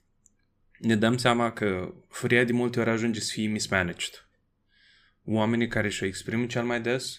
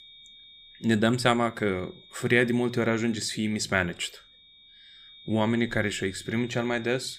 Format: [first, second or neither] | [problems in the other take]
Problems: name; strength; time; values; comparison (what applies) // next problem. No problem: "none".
first | high-pitched whine; faint; throughout; 3.5 kHz, 20 dB below the speech